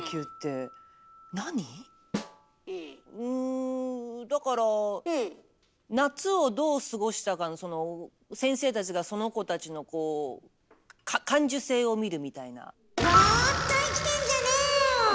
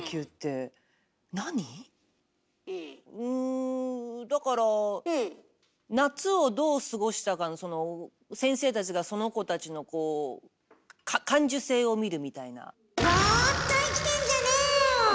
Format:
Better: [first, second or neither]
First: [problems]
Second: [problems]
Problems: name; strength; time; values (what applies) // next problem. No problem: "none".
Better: second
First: background sound (Snare drum + Piano); 9 dB below the speech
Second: none